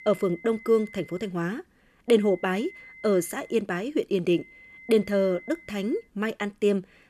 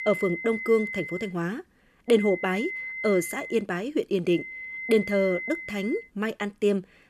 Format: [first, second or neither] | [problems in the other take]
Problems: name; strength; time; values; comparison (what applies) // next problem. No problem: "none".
first | high-pitched whine; loud; until 1.5 s, from 2 to 3.5 s and from 4.5 to 6 s; 2 kHz, 7 dB below the speech; faint in the first